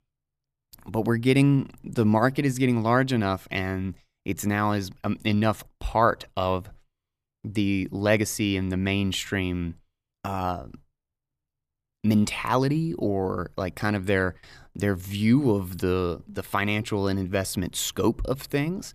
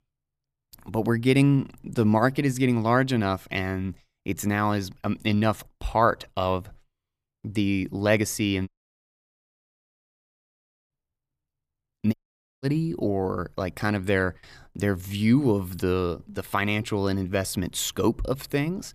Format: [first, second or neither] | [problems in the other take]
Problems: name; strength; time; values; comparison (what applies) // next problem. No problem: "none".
first | audio cutting out; at 8.5 s for 2 s and at 12 s